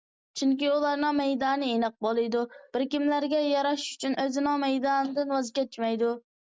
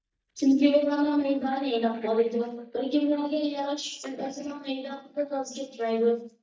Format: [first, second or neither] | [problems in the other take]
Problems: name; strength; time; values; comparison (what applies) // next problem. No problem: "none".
first | noise reduction (neural mask model DeepFilterNet 3)